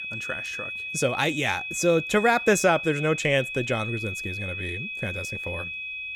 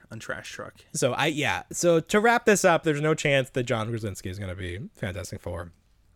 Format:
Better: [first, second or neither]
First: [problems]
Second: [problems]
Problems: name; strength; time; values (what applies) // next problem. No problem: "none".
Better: second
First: high-pitched whine; loud; throughout; 2.5 kHz, 6 dB below the speech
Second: none